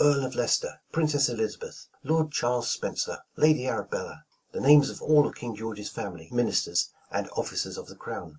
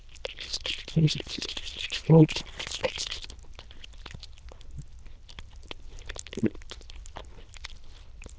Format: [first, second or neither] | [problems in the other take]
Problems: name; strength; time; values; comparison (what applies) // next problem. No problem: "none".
first | noise reduction (neural diffusion model UNIVERSE++)